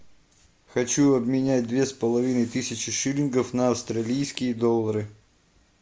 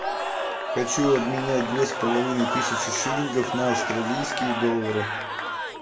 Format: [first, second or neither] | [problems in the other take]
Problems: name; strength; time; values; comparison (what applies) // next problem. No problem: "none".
first | background sound (Crowd / Cheering); 2 dB below the speech // room echo; dies away in 1 s